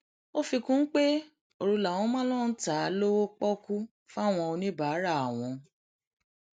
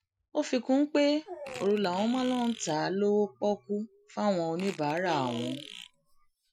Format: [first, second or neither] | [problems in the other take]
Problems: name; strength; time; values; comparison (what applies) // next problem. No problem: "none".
first | noise reduction (classical method Wiener filter)